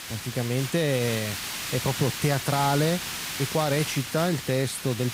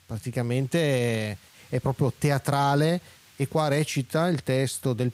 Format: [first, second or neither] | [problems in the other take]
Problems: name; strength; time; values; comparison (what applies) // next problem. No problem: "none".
second | hiss; loud; throughout; 5 dB below the speech; faint in the second